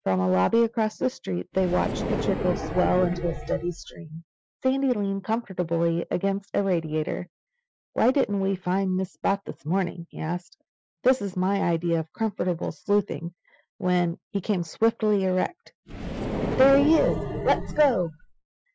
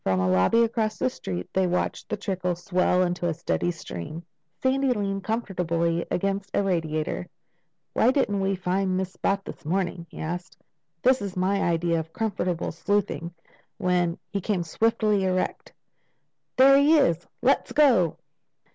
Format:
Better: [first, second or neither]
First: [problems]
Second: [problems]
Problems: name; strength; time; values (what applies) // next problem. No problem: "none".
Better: second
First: noise reduction (classical method Wiener filter)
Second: none